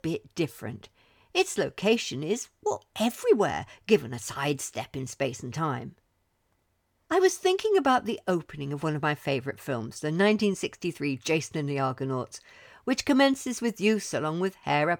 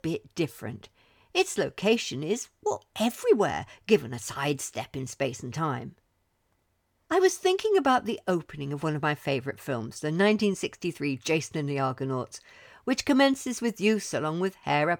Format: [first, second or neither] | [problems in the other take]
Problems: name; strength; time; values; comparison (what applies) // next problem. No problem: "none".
neither | none